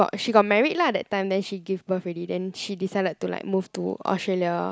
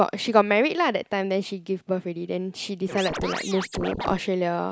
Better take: first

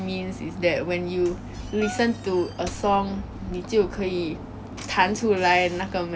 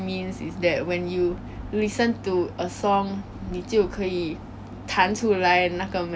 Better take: second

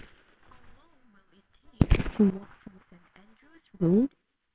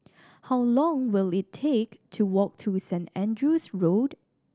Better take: second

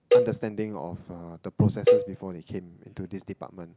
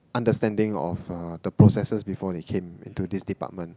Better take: second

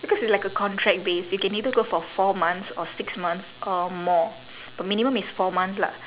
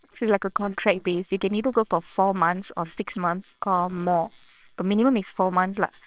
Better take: first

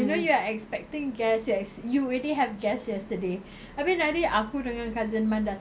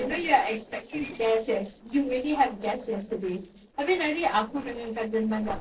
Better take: first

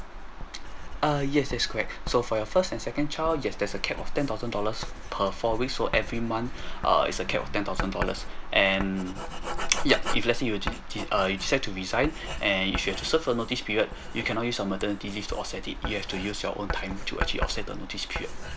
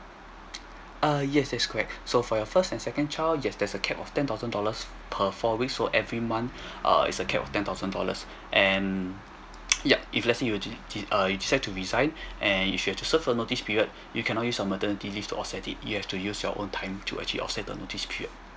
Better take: second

